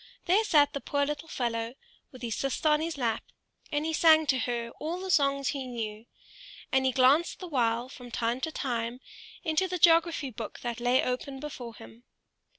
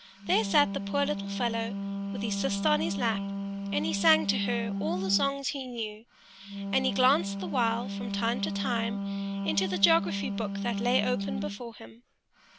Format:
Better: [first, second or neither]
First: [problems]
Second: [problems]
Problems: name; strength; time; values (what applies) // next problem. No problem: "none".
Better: first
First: none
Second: background sound (Wind instrument, woodwind instrument); 3 dB below the speech